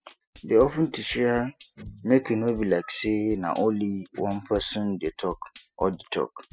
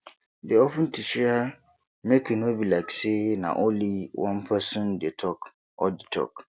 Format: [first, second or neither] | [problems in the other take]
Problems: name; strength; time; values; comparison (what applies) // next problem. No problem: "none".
second | noise reduction (classical method spectral subtraction)